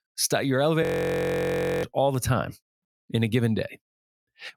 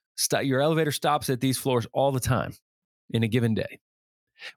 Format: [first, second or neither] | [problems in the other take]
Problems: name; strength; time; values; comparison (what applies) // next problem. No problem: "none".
second | audio freezing; at 1 s for 1 s